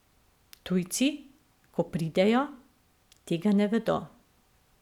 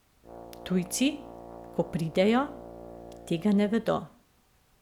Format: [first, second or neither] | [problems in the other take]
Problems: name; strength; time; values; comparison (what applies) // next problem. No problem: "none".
first | background sound (Brass instrument); 17 dB below the speech